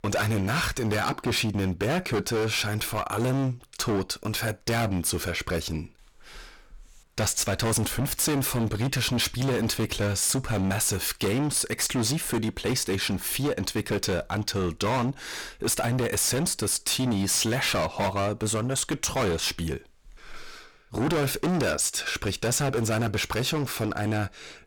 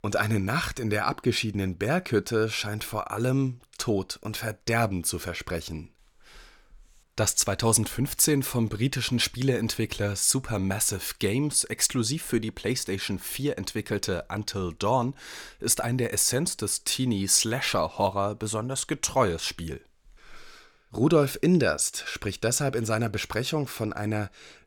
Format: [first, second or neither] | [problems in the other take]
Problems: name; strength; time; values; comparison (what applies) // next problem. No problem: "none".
second | distortion; heavy; 22% of the sound clipped